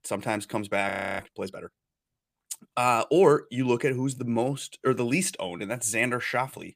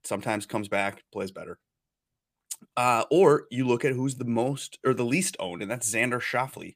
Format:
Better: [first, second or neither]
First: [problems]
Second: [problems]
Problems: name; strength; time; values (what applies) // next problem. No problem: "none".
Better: second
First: audio freezing; at 1 s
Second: none